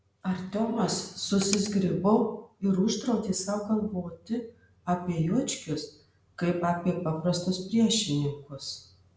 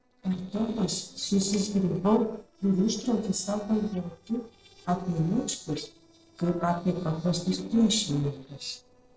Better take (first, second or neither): first